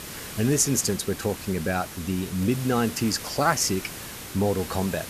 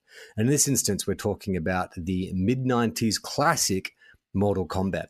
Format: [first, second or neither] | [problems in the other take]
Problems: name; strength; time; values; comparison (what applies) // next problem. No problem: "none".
second | hiss; noticeable; throughout; 10 dB below the speech